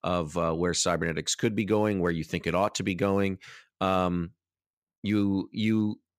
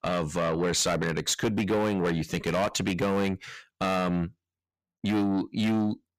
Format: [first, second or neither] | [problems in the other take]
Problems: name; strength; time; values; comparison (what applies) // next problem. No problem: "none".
first | distortion; heavy; 7 dB below the speech